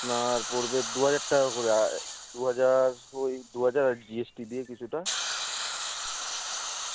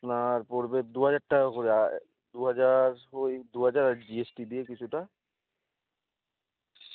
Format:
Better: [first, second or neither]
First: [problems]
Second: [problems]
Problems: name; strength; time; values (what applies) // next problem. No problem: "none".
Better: second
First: background sound (Hiss); 7 dB below the speech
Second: none